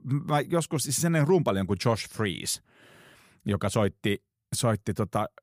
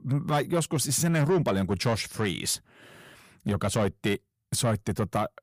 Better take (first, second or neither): first